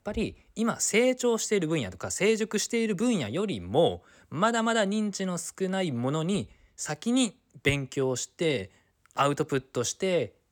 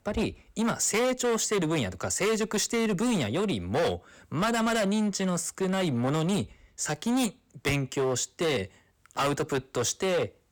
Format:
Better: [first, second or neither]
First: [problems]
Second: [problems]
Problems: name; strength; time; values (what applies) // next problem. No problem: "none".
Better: first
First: none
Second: distortion; heavy; 18% of the sound clipped